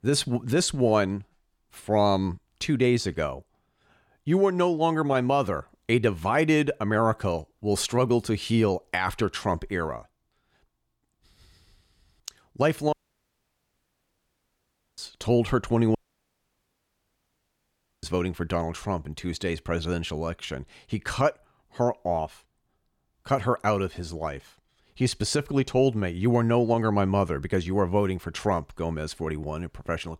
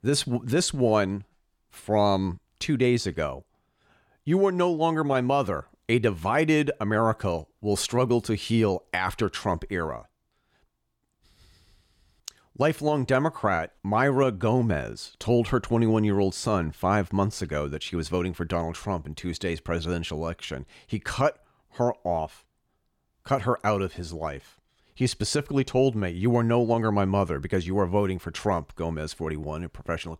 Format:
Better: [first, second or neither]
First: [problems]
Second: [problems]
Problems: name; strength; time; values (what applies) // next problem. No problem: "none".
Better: second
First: audio cutting out; at 13 s for 2 s and at 16 s for 2 s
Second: none